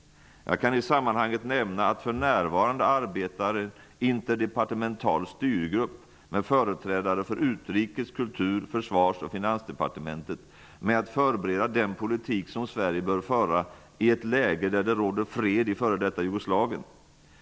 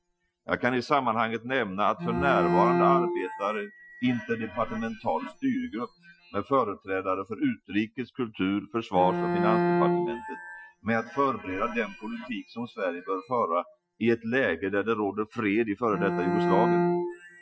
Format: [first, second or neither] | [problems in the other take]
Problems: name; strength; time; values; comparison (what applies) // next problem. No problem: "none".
first | noise reduction (classical method Wiener filter)